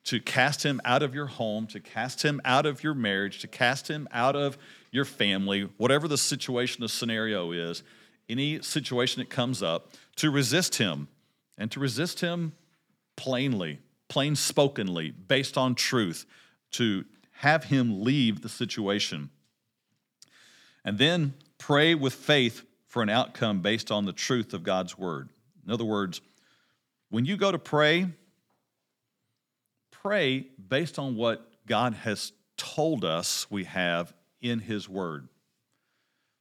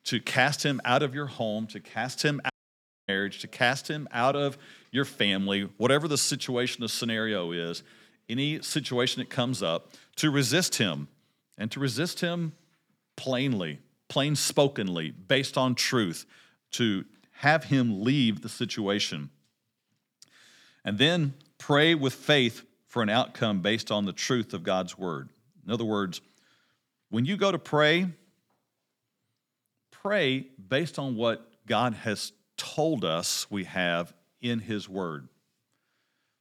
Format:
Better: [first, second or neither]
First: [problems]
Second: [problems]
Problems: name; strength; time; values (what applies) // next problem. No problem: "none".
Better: first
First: none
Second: audio cutting out; at 2.5 s for 0.5 s